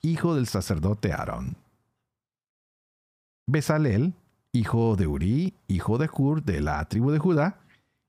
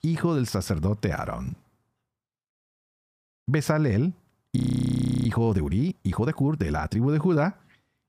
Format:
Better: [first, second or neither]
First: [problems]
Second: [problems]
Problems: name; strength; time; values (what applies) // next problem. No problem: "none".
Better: first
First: none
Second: audio freezing; at 4.5 s for 0.5 s